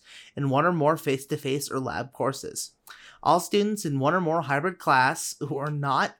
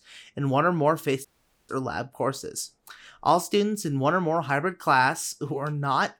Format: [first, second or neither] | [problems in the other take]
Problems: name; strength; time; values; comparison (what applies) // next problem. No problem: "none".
first | audio cutting out; at 1.5 s